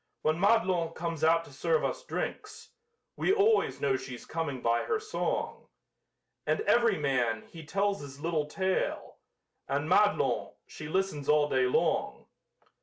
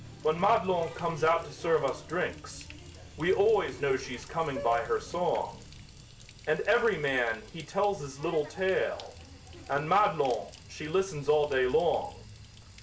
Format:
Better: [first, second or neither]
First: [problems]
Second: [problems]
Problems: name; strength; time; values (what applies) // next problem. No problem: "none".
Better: first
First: none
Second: background sound (Water tap, faucet); 16 dB below the speech